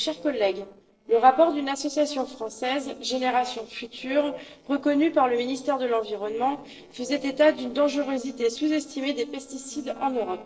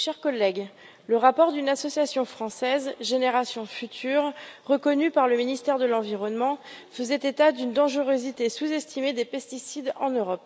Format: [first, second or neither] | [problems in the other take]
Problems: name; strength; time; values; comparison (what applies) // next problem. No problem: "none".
second | noise reduction (neural separator model SepFormer DNS4)